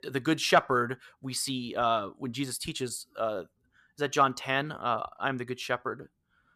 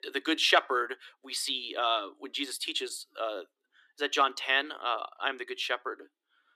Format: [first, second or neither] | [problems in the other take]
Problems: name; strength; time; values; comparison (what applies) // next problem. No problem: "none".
first | thin; somewhat; fading below 300 Hz